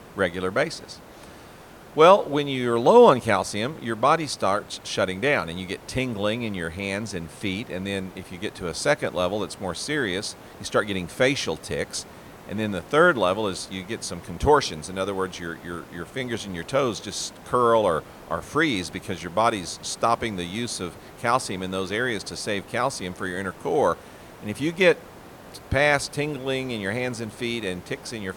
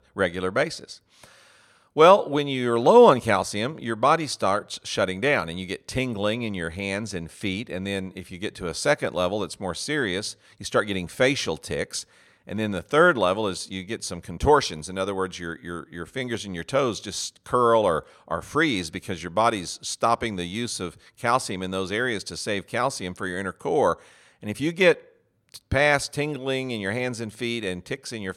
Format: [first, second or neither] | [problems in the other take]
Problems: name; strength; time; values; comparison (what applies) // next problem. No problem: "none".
second | hiss; faint; throughout; 20 dB below the speech